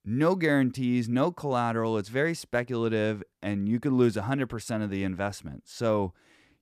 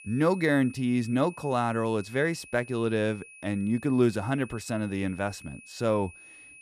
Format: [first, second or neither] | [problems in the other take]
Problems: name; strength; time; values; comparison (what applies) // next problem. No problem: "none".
first | high-pitched whine; noticeable; throughout; 2.5 kHz, 20 dB below the speech